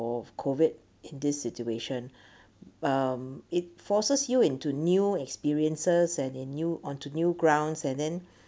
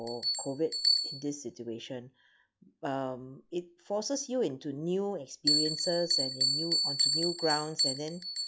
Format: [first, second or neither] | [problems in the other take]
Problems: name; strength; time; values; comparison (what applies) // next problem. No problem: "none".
first | noise reduction (classical method log-MMSE)